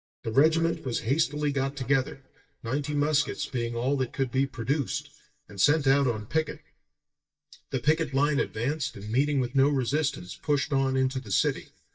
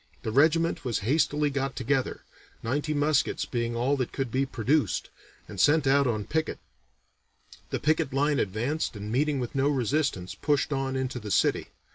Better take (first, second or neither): second